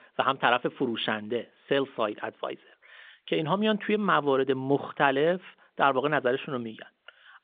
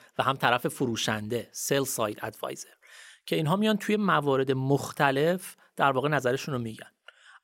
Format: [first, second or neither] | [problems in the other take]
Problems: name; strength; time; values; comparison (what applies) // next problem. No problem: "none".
second | phone-call audio